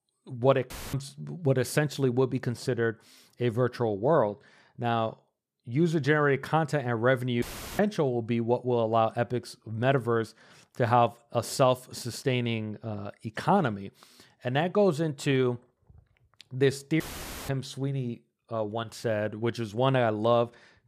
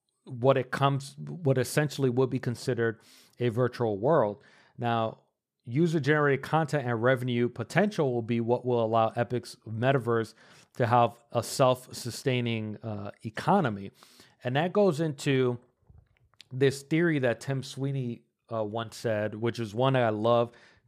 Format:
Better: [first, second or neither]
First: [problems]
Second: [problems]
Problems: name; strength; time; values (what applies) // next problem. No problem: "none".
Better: second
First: audio cutting out; filled with static; at 0.5 s, at 7.5 s and at 17 s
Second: none